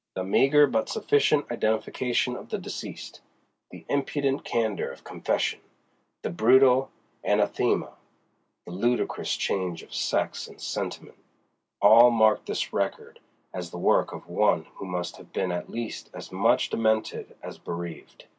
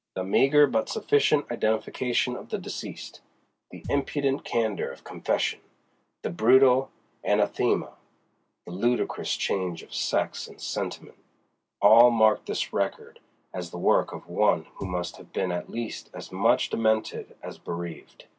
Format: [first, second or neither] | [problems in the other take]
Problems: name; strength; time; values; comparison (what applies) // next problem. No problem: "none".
first | background sound (Thump, thud); 16 dB below the speech